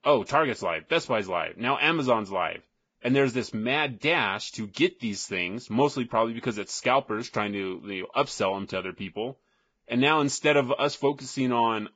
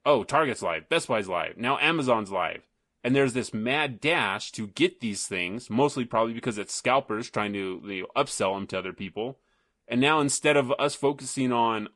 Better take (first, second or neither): second